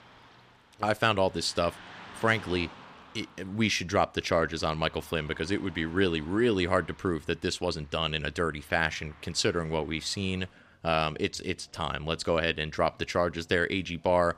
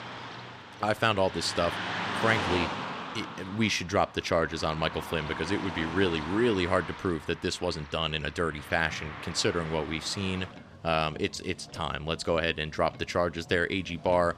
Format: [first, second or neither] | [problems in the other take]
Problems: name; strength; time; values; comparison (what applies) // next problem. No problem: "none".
first | traffic noise; loud; throughout; 8 dB below the speech; faint in the first